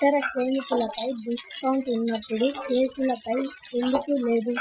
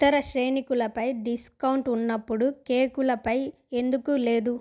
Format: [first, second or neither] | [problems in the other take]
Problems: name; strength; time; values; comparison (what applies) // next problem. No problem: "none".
second | noise reduction (classical method Wiener filter)